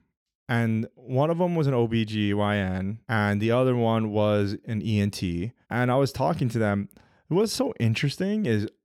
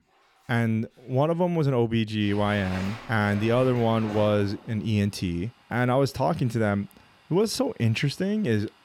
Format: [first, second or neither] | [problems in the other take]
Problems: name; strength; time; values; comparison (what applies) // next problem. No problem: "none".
first | household noises; noticeable; throughout; 15 dB below the speech